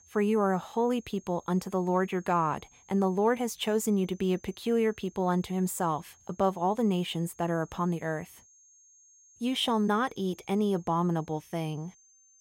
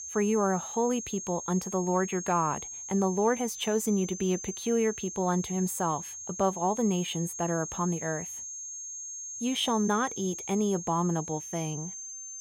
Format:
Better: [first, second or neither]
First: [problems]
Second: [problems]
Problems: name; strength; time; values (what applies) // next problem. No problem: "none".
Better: first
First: high-pitched whine; faint; throughout; 6.5 kHz, 30 dB below the speech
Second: high-pitched whine; loud; throughout; 6.5 kHz, 8 dB below the speech